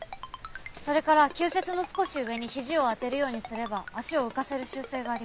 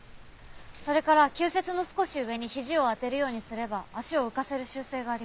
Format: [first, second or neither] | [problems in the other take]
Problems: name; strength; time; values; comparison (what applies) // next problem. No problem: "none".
second | background sound (Ringtone); 15 dB below the speech